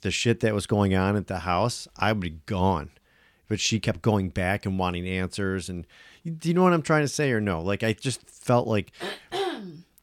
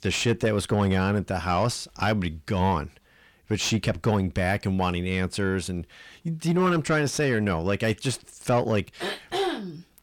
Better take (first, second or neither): first